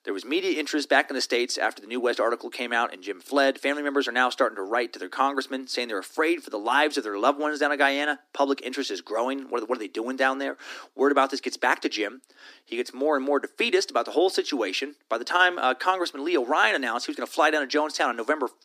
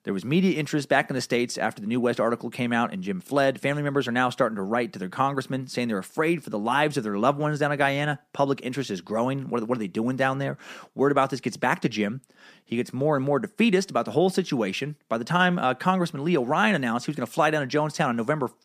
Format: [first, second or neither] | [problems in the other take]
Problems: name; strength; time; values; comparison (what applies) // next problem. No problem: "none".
second | thin; somewhat; fading below 250 Hz